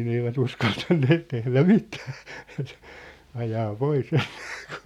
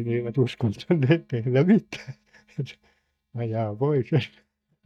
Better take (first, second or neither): first